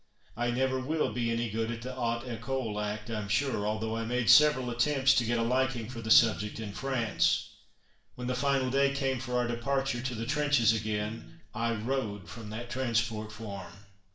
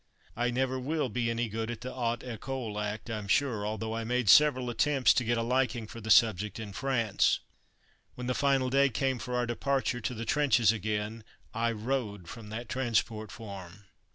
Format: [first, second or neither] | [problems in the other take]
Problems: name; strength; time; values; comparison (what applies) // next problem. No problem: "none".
second | background sound (Electric guitar); 16 dB below the speech // room echo; dies away in 0.5 s